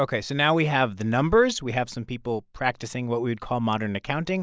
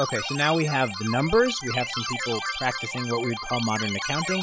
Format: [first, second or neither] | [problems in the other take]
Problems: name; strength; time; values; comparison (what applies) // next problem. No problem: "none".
first | noise reduction (classical method log-MMSE)